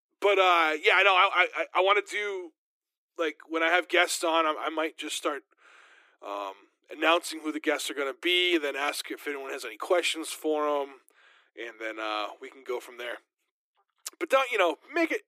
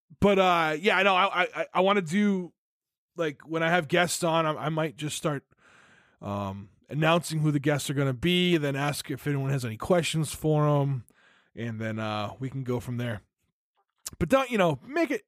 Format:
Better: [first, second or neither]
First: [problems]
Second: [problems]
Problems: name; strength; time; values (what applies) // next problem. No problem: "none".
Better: second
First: thin; very; fading below 300 Hz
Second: none